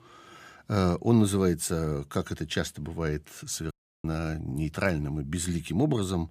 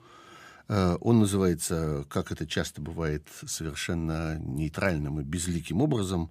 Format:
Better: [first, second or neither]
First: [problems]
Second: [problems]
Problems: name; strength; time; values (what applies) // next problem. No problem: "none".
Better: second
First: audio cutting out; at 3.5 s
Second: none